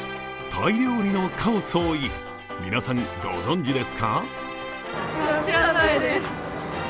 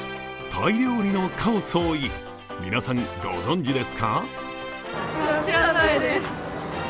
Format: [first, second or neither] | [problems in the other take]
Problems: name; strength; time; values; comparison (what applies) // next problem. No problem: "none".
second | background sound (Wind instrument, woodwind instrument); 17 dB below the speech